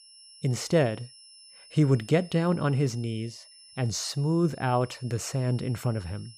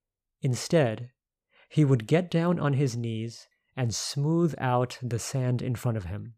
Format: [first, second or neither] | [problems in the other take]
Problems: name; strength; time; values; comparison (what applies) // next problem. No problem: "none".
second | high-pitched whine; faint; throughout; 5.5 kHz, 20 dB below the speech